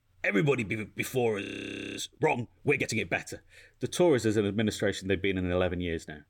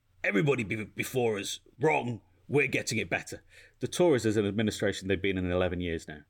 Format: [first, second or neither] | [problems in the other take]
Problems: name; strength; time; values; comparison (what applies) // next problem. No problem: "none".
second | audio freezing; at 1.5 s for 0.5 s